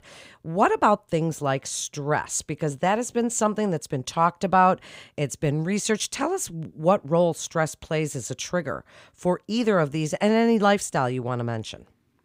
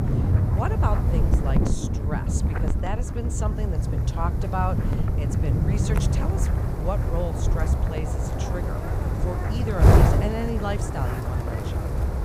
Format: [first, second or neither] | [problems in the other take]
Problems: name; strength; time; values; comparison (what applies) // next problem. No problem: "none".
first | wind noise on the microphone; heavy; 1 dB above the speech